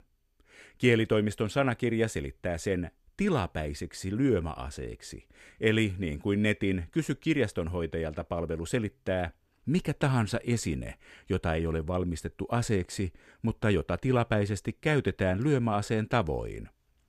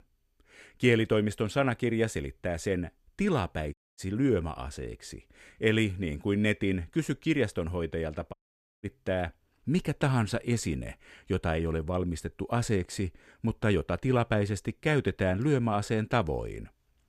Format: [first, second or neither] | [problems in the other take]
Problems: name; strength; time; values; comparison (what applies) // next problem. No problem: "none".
first | audio cutting out; at 3.5 s and at 8.5 s